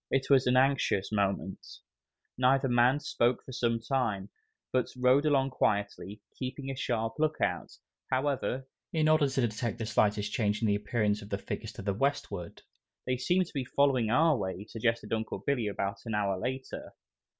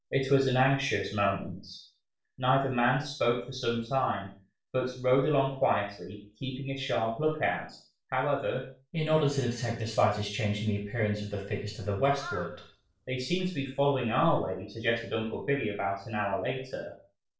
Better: first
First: none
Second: noise reduction (neural separator model SepFormer DNS4)

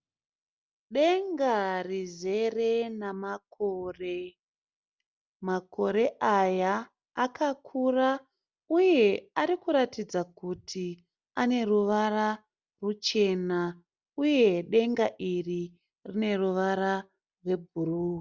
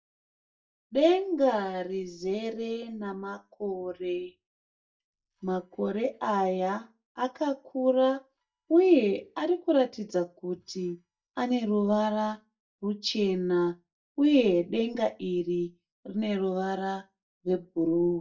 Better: first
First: none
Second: noise reduction (neural mask model DeepFilterNet 3)

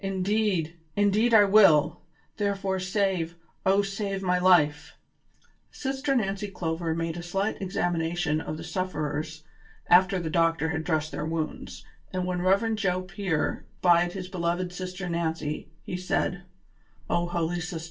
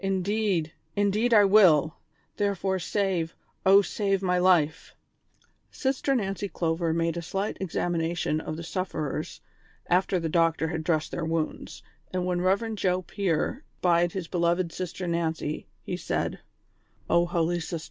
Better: second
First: room echo; dies away in 0.2 s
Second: none

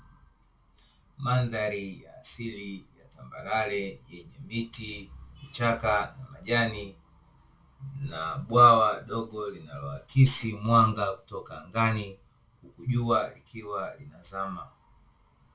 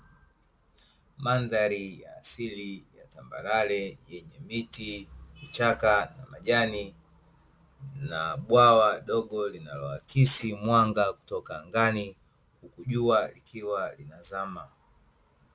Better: second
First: room echo; dies away in 0.2 s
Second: none

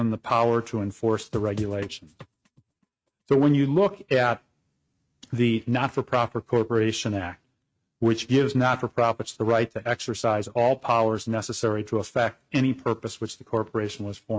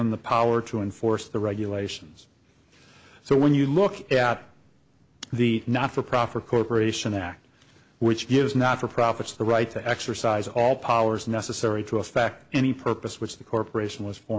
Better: second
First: noise reduction (neural mask model RNNoise)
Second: none

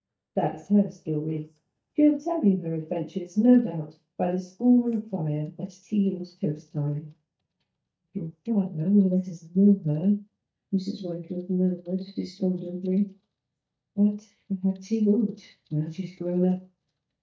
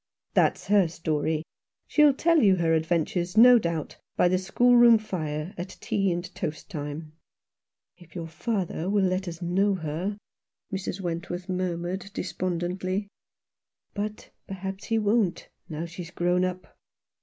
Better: second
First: noise reduction (neural mask model DeepFilterNet 3)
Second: none

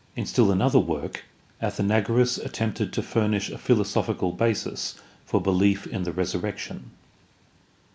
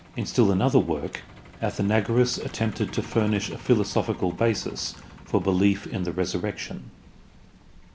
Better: first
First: none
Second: background sound (Truck); 19 dB below the speech

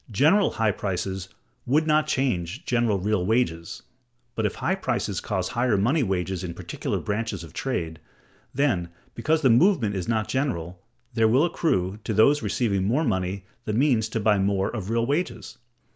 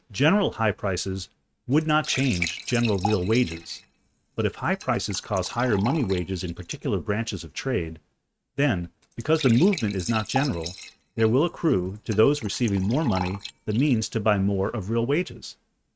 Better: first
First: none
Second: noise reduction (neural mask model RNNoise)

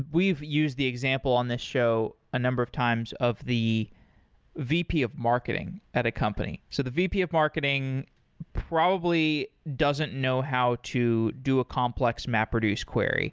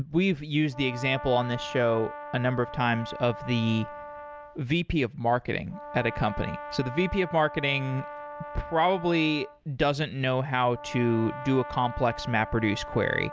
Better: first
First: none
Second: background sound (Brass instrument); 13 dB below the speech

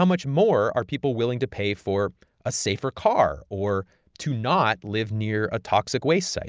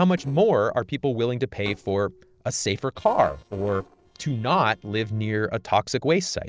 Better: first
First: none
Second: noise reduction (neural separator model SepFormer DNS4)

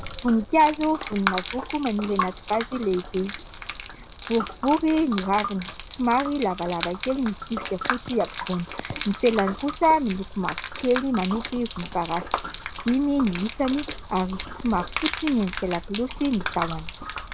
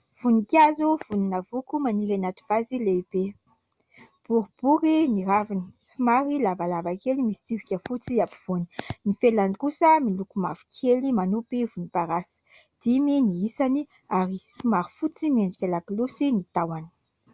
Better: second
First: background sound (Gurgling / Liquid); 8 dB below the speech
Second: none

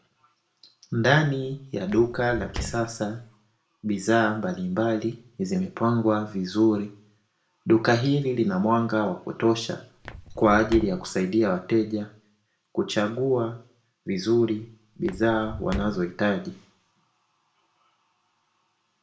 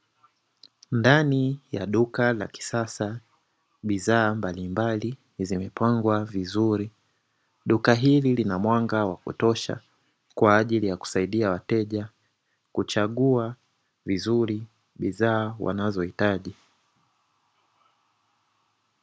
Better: second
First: background sound (Walk, footsteps); 11 dB below the speech // room echo; dies away in 0.4 s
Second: none

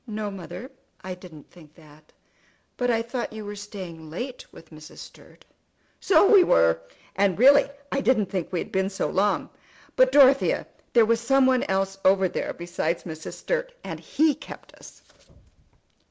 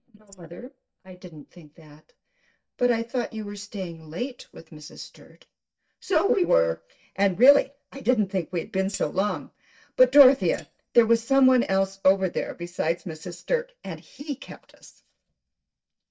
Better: first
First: none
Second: noise reduction (neural mask model DeepFilterNet 3)

